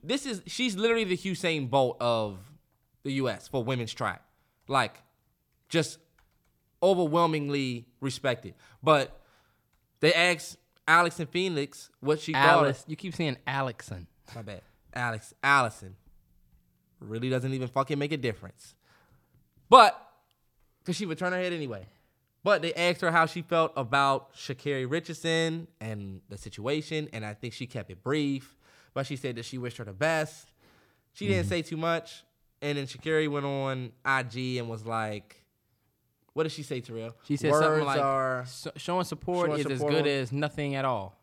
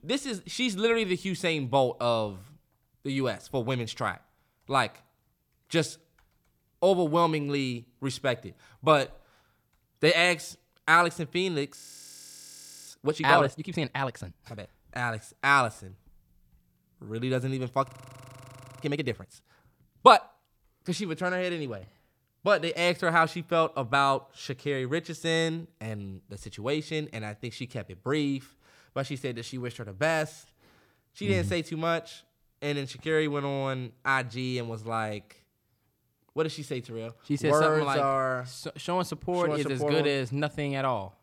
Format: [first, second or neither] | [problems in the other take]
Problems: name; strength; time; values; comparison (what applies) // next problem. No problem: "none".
first | audio freezing; at 12 s for 1 s and at 18 s for 1 s